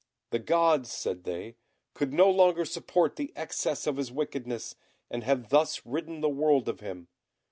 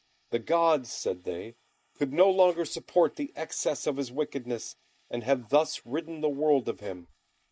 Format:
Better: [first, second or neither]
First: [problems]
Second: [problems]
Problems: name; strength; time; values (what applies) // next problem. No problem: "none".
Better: first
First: none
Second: noise reduction (neural mask model Resemble Enhance denoiser)